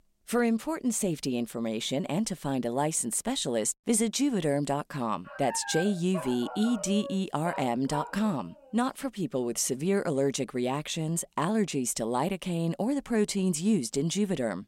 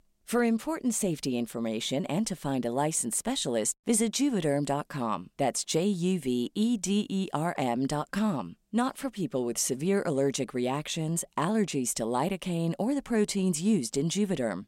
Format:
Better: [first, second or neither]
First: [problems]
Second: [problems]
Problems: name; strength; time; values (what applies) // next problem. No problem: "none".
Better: second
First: dog barking; noticeable; from 5.5 to 8.5 s; peak 7 dB below the speech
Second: none